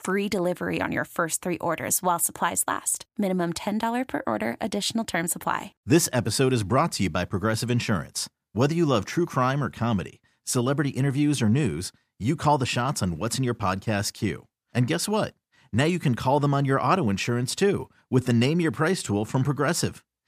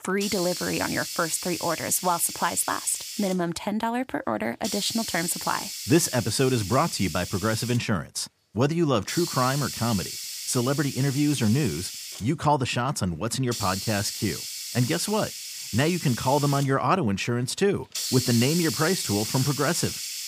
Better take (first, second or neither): first